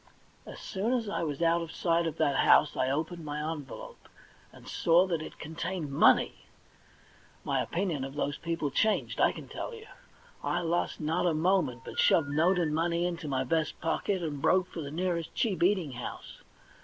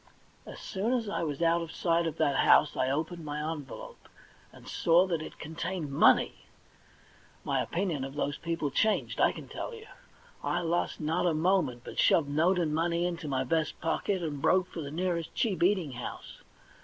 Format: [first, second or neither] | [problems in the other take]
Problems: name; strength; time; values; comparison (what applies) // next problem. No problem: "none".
second | background sound (Telephone); 16 dB below the speech